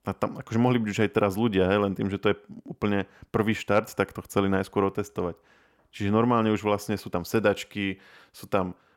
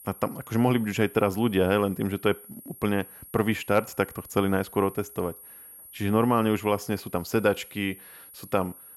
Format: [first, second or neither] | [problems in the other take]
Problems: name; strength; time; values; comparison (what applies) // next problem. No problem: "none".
first | high-pitched whine; noticeable; throughout; 11.5 kHz, 20 dB below the speech